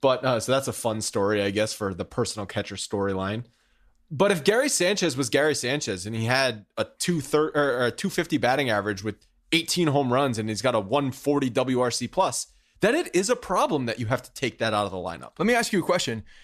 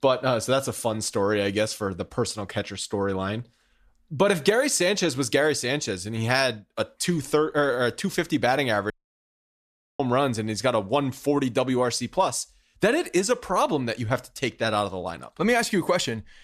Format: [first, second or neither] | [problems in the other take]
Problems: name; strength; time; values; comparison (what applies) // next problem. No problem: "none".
first | audio cutting out; at 9 s for 1 s